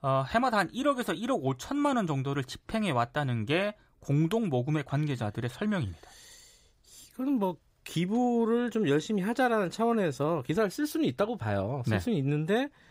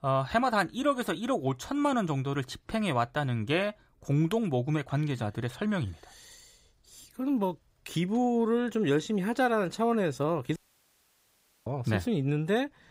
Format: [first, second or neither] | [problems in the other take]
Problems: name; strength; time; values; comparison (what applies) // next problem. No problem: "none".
first | audio cutting out; at 11 s for 1 s